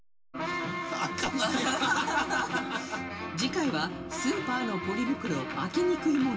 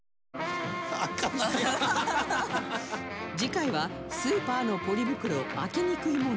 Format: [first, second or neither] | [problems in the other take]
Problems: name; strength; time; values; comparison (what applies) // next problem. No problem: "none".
second | room echo; dies away in 0.2 s